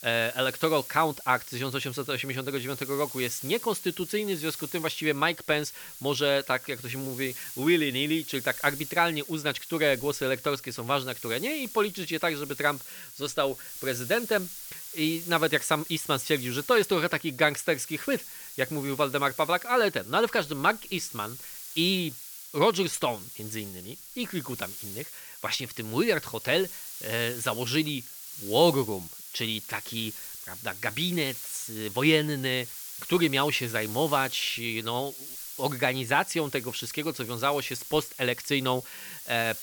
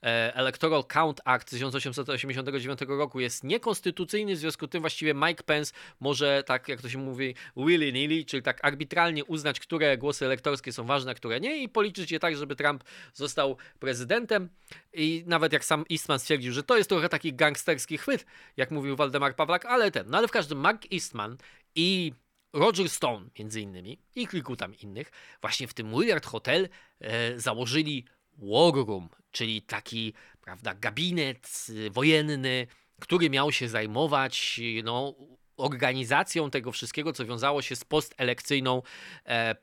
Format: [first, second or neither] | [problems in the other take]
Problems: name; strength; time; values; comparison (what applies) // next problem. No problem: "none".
second | hiss; noticeable; throughout; 10 dB below the speech